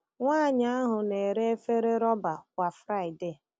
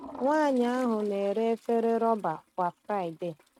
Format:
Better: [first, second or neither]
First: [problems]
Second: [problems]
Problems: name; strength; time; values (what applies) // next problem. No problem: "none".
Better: first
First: none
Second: noise reduction (neural mask model RNNoise)